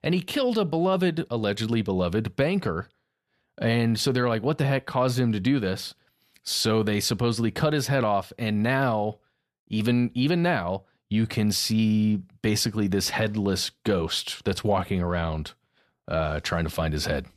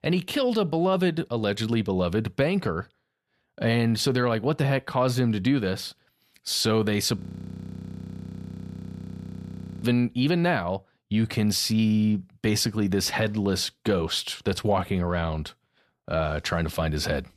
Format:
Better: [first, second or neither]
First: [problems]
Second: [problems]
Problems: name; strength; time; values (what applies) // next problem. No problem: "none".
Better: first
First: none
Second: audio freezing; at 7 s for 2.5 s